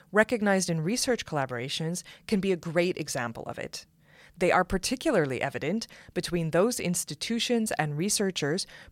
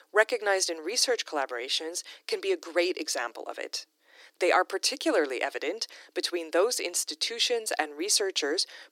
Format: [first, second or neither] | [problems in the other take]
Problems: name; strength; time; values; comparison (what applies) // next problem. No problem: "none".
first | thin; very; fading below 300 Hz